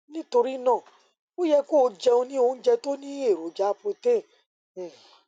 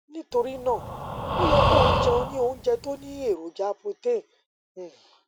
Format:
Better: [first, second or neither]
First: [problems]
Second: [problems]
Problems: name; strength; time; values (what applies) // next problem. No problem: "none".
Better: first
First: none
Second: background sound (Breathing); 2 dB above the speech